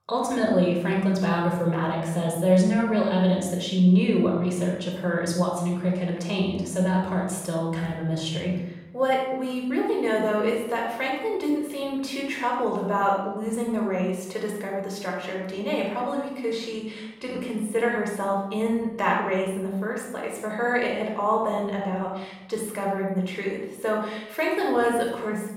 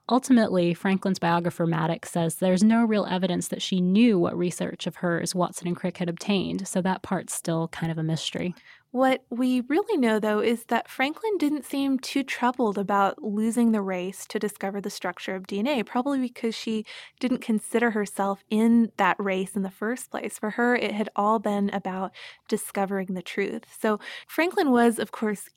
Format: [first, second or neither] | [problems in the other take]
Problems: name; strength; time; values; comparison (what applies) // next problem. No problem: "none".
second | off-mic speech; somewhat distant // room echo; noticeable; dies away in 0.9 s